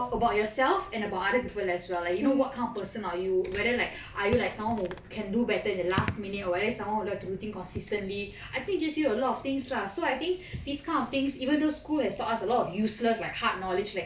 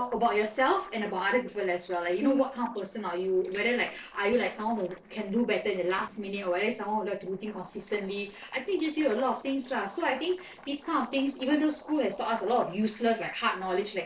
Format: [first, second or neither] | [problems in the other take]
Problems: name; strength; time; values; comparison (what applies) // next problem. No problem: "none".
first | noise reduction (neural separator model SepFormer DNS4)